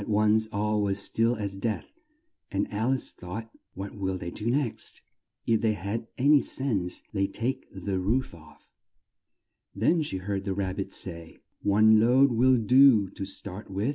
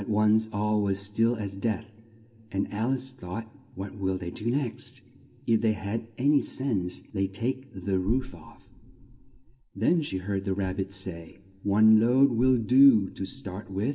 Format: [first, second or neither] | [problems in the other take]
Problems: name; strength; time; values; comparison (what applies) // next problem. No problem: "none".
first | room echo; dies away in 1.7 s